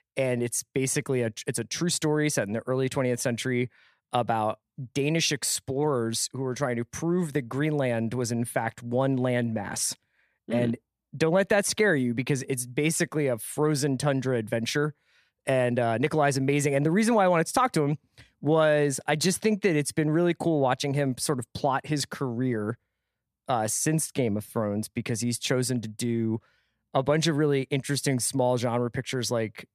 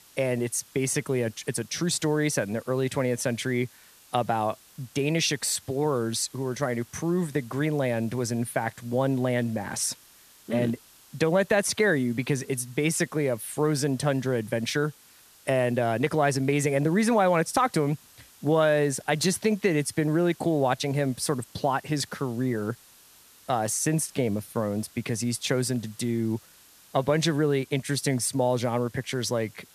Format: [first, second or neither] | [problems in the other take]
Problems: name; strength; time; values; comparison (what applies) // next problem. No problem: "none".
first | hiss; faint; throughout; 25 dB below the speech